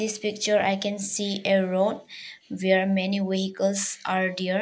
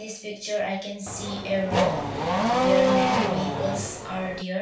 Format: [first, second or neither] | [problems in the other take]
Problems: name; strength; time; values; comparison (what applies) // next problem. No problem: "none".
first | background sound (Race car, auto racing / Accelerating, revving, vroom); 4 dB above the speech // room echo; dies away in 0.3 s